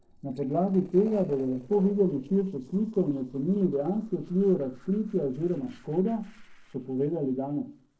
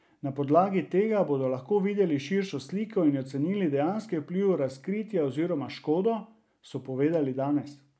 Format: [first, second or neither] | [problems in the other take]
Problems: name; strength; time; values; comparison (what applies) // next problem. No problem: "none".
second | noise reduction (neural separator model SepFormer DNS4)